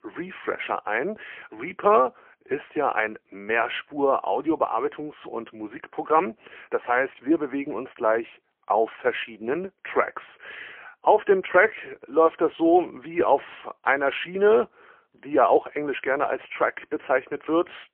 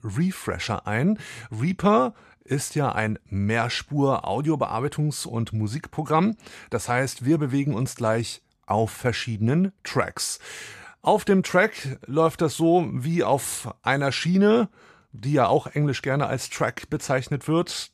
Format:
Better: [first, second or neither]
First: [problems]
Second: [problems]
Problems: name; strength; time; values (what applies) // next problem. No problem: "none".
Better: second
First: phone-call audio; poor line; nothing above 3 kHz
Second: none